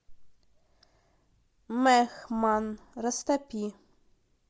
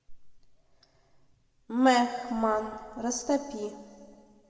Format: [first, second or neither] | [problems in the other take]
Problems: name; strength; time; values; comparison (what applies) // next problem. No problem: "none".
first | room echo; dies away in 1.8 s